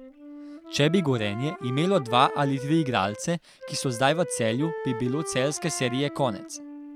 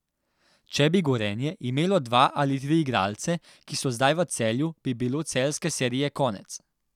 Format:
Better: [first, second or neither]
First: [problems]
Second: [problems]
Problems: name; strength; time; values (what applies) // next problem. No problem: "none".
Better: second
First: background sound (Wind instrument, woodwind instrument); 11 dB below the speech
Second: none